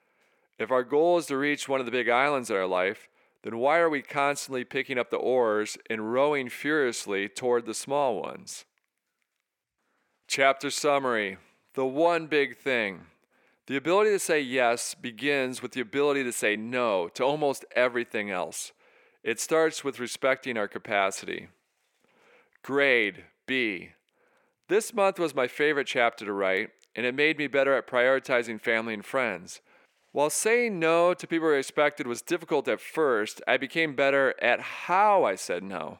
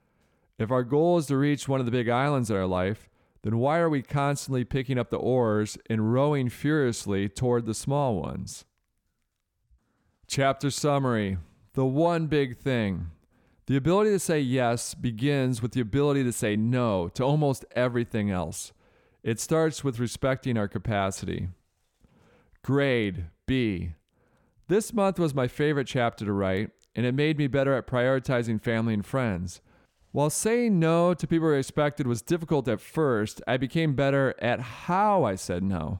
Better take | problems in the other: second | thin; somewhat; fading below 450 Hz

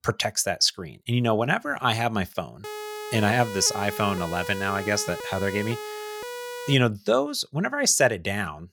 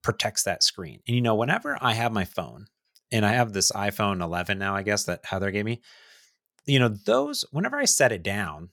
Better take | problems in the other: second | siren; faint; from 2.5 to 6.5 s; peak 10 dB below the speech

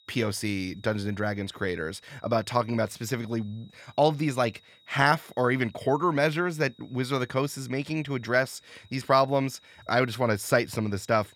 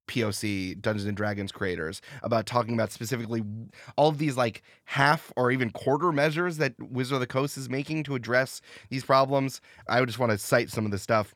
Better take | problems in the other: second | high-pitched whine; faint; throughout; 4 kHz, 30 dB below the speech

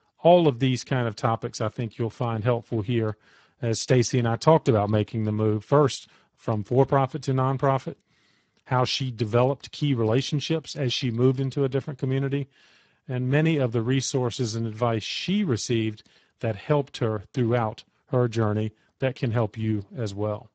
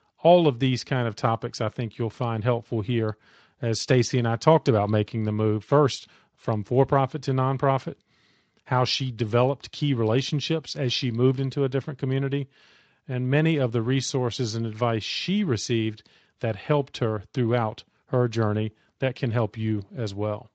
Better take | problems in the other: second | garbled, watery; badly; nothing above 7.5 kHz; slightly in the second

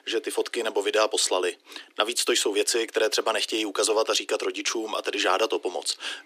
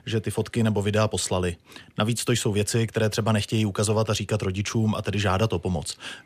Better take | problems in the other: second | thin; very; fading below 300 Hz

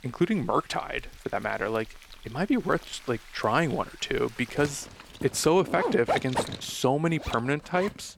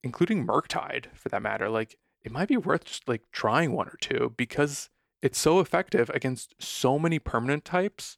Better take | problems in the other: second | household noises; loud; throughout; 9 dB below the speech

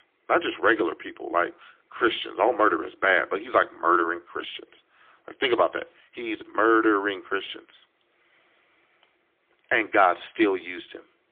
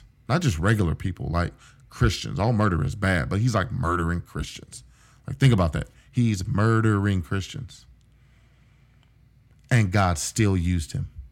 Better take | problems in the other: second | phone-call audio; poor line; nothing above 3.5 kHz

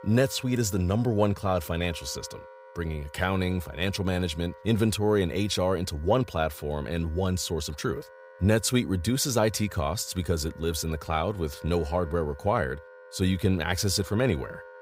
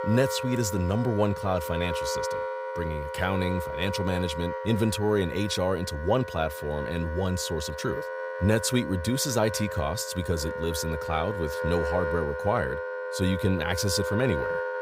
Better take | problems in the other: first | background music; loud; throughout; 5 dB below the speech; faint in the first

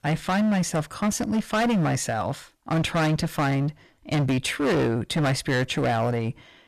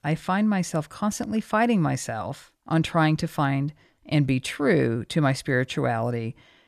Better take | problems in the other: second | distortion; heavy; 19% of the sound clipped

